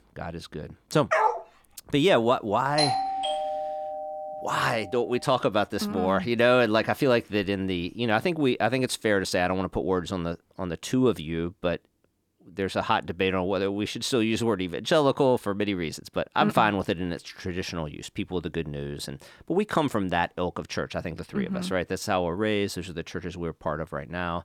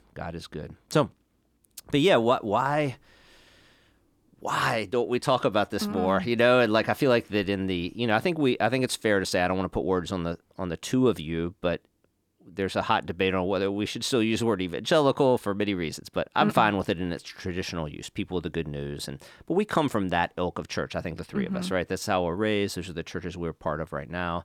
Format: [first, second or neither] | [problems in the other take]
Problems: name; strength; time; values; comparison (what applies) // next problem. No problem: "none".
second | dog barking; loud; at 1 s; peak 3 dB above the speech // doorbell; loud; from 3 to 4.5 s; peak 1 dB above the speech